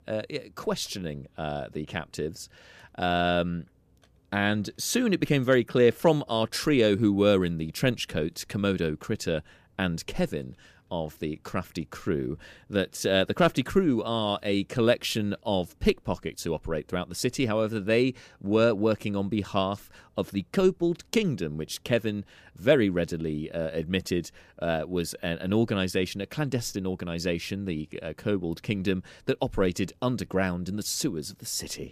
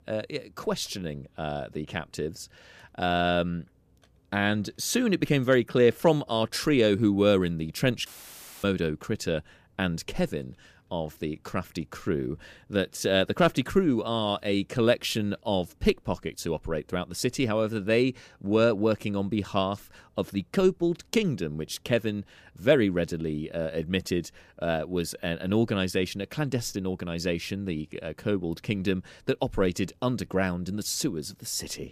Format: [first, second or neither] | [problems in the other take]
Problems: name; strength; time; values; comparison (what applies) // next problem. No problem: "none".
first | audio cutting out; filled with static; at 8 s for 0.5 s